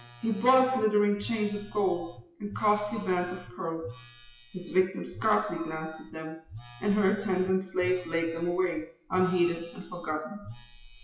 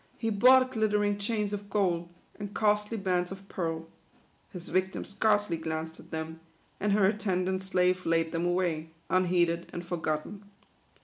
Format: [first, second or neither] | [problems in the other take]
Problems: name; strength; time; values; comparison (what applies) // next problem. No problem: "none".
second | noise reduction (classical method WPE with log-MMSE)